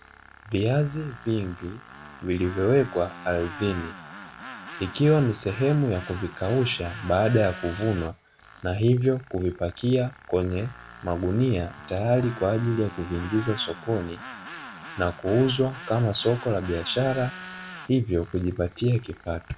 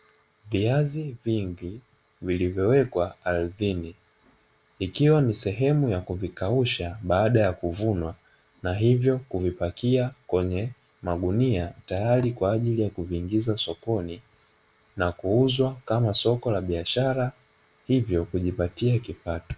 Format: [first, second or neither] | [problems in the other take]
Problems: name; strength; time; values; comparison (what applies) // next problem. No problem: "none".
second | background sound (Tools); 16 dB below the speech